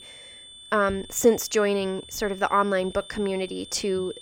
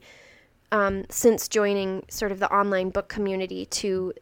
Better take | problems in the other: second | high-pitched whine; noticeable; throughout; 3.5 kHz, 15 dB below the speech

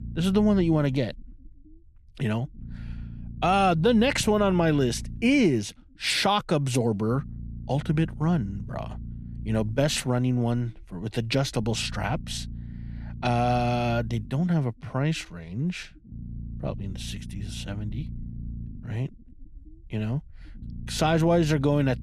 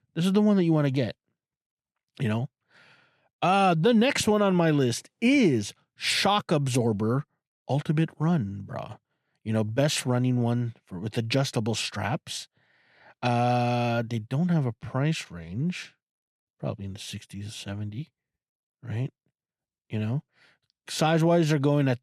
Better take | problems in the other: second | low rumble; faint; throughout; 25 dB below the speech

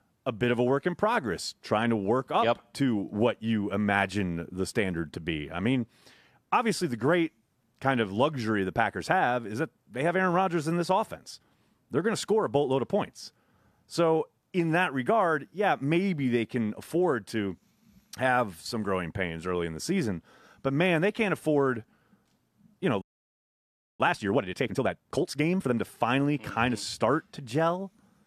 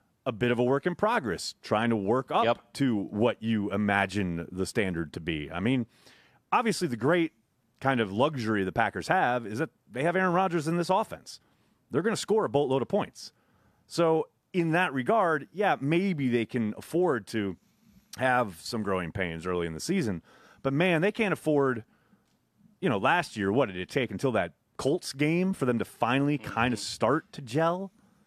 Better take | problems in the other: second | audio freezing; at 23 s for 1 s

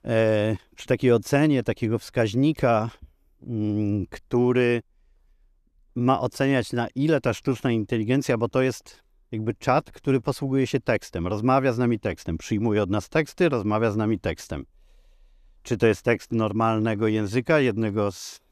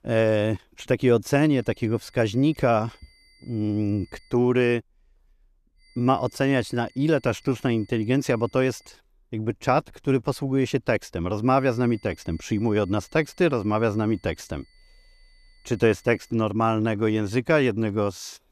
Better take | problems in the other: first | high-pitched whine; faint; from 1.5 to 4.5 s, from 6 to 9 s and from 11 to 16 s; 2 kHz, 35 dB below the speech

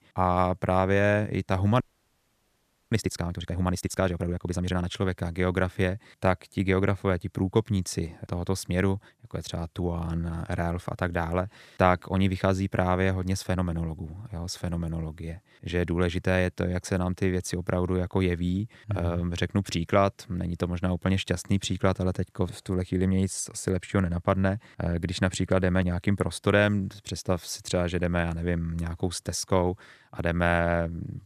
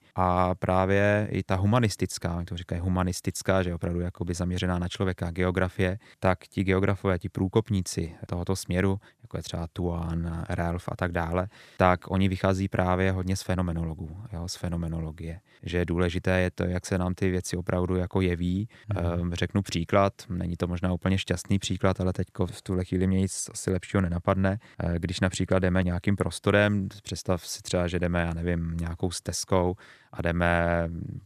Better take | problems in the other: second | audio freezing; at 2 s for 1 s

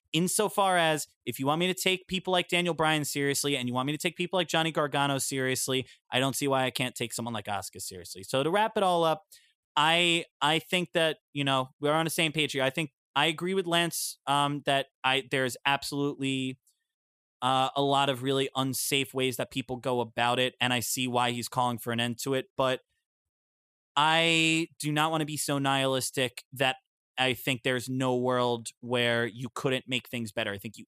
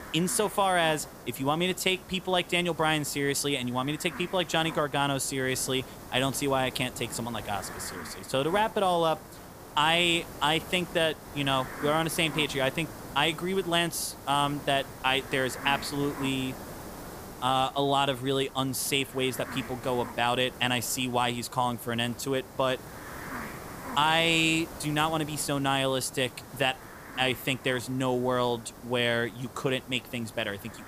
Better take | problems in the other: first | hiss; noticeable; throughout; 15 dB below the speech

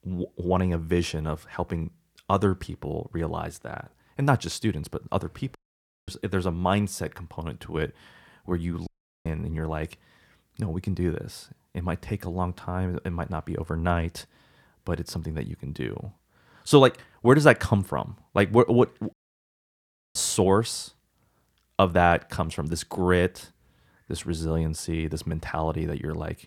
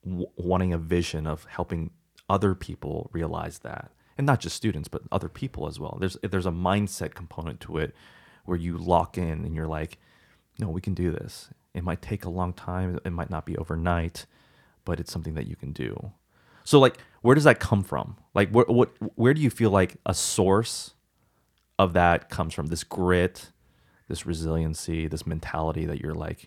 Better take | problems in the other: second | audio cutting out; at 5.5 s for 0.5 s, at 9 s and at 19 s for 1 s

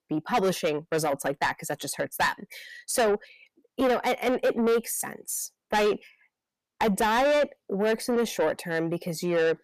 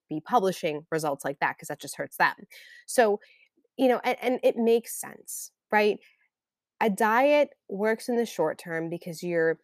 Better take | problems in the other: second | distortion; heavy; 8 dB below the speech

